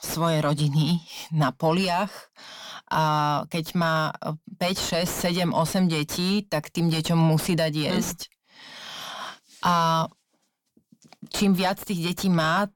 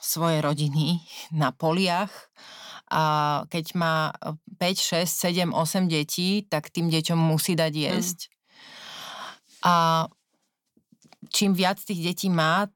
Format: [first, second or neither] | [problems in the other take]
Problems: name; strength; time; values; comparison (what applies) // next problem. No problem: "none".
second | distortion; slight; 10 dB below the speech